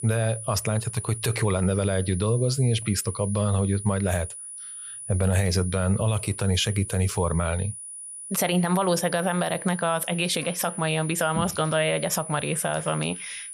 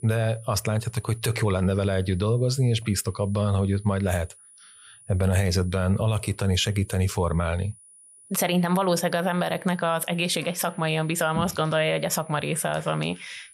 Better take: second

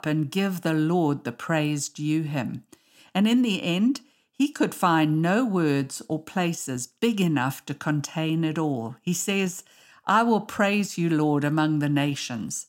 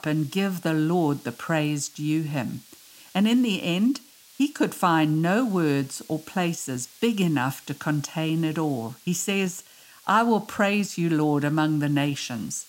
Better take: first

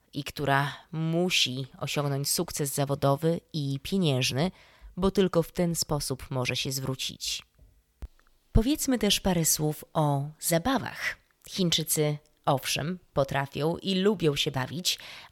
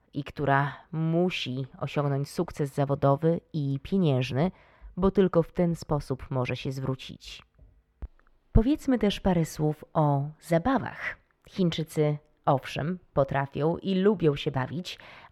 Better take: first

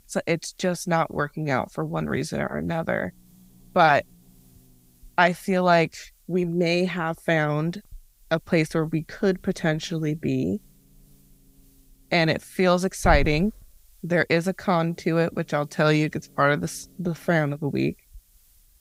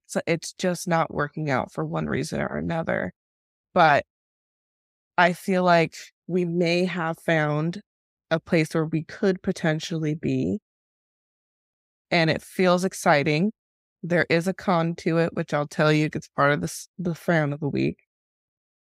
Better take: second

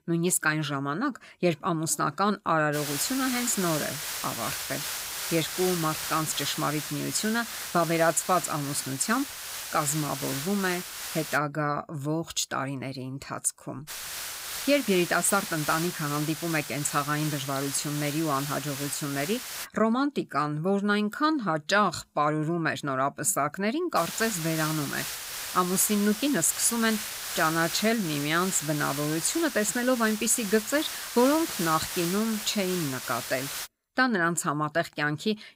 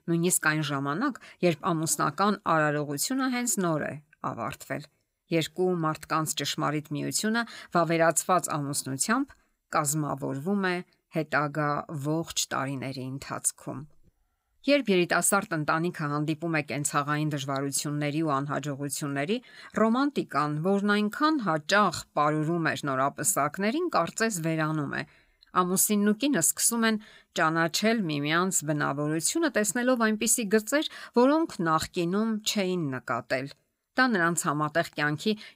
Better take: second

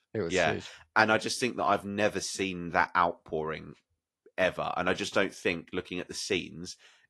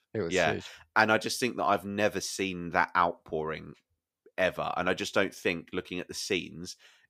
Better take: second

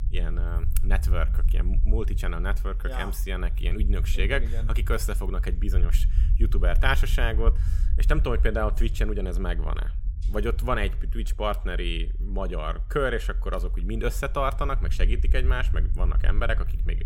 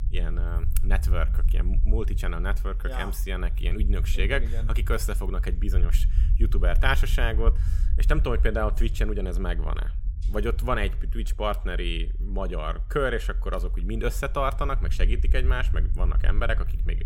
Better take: neither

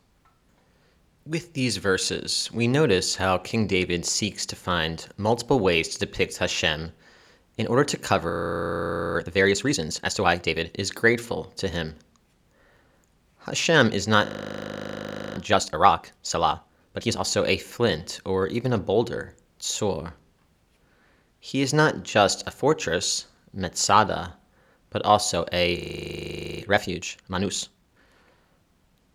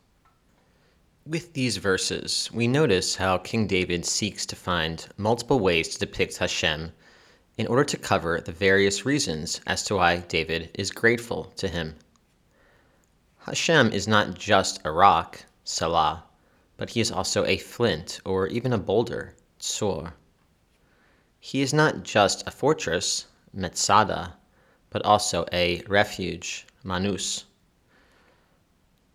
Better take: second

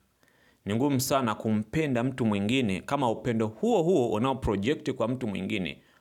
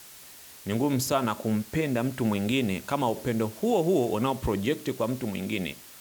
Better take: first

